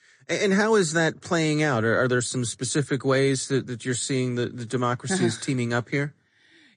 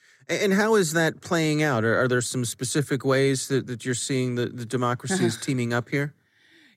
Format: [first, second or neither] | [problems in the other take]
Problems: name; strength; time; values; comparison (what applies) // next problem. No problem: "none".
second | garbled, watery; slightly; nothing above 9.5 kHz